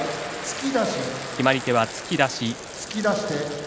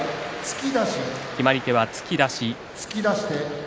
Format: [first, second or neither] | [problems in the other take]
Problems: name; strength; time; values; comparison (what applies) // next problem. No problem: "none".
second | background sound (Water tap, faucet); 16 dB below the speech